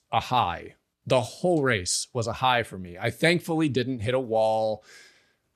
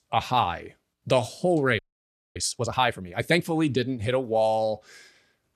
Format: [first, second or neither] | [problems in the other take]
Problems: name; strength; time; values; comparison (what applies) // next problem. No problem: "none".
first | audio freezing; at 2 s for 0.5 s